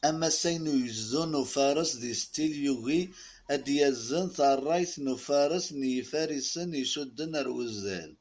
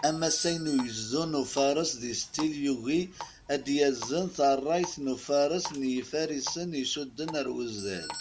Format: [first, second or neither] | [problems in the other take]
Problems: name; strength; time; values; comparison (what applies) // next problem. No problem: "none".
first | background sound (Doorbell + Water tap, faucet); 16 dB below the speech